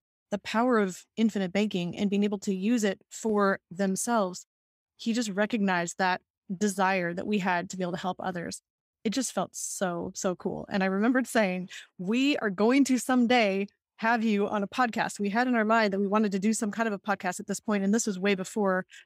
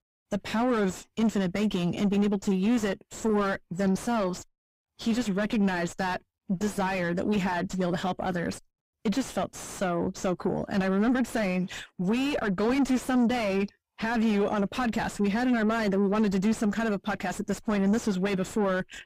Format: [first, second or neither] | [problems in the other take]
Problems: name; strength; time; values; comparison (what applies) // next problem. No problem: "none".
first | distortion; heavy; 5 dB below the speech